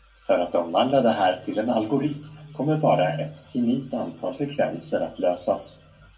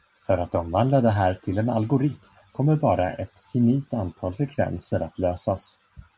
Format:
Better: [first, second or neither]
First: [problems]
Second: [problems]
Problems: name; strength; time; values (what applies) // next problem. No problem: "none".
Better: second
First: room echo; dies away in 0.2 s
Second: none